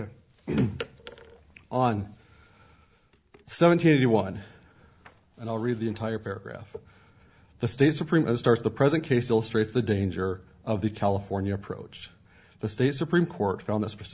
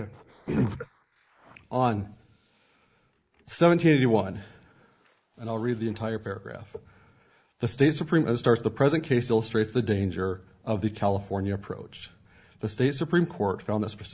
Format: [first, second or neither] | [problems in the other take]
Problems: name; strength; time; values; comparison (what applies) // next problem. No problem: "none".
first | noise reduction (neural mask model Resemble Enhance denoiser)